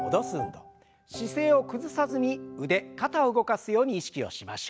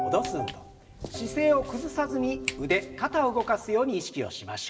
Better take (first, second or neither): first